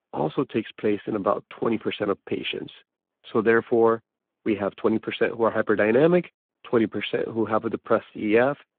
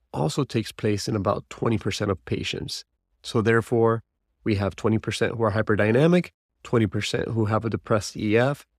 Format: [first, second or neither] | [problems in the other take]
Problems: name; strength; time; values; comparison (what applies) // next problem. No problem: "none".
second | phone-call audio